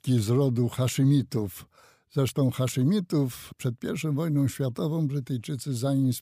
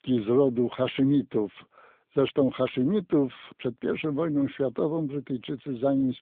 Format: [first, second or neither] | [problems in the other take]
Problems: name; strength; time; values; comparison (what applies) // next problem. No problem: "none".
first | phone-call audio